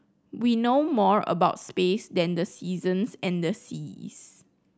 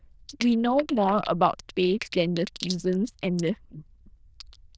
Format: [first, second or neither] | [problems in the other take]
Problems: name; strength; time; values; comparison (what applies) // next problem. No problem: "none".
first | noise reduction (neural diffusion model UNIVERSE++)